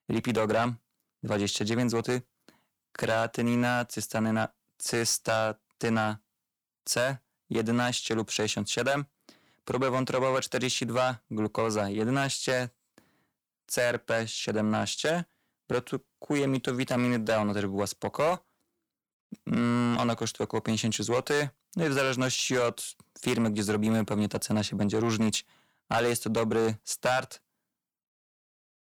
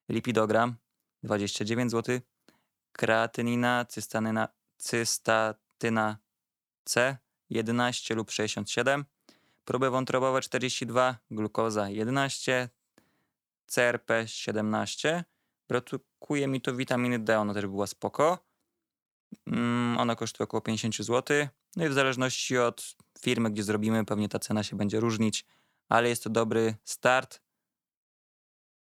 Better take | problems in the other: second | distortion; heavy; 8 dB below the speech

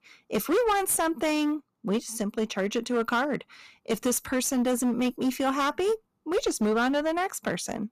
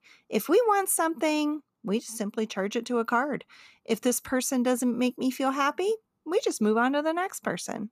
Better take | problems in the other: second | distortion; slight; 10% of the sound clipped

